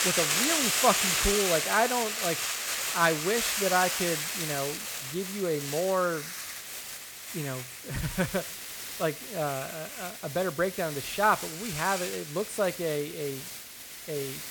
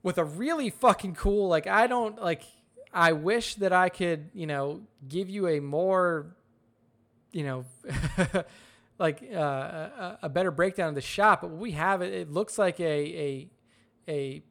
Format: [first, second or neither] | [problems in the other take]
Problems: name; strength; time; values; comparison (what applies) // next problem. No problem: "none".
second | hiss; loud; throughout; 1 dB below the speech